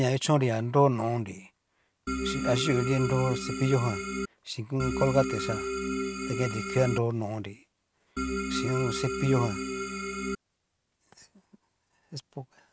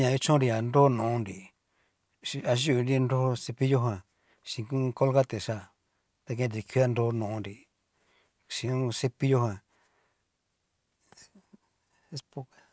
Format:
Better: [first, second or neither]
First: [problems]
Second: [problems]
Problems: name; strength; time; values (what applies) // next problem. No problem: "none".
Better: second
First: background sound (Organ); 2 dB below the speech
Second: none